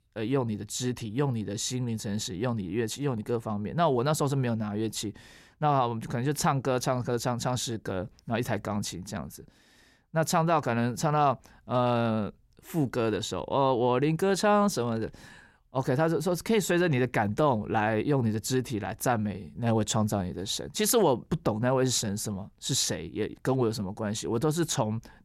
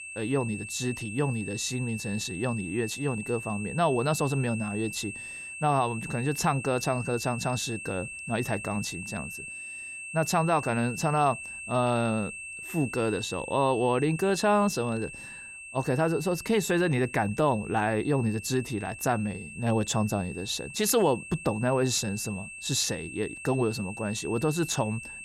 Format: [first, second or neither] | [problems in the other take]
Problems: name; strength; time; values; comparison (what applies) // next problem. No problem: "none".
first | high-pitched whine; loud; throughout; 2.5 kHz, 10 dB below the speech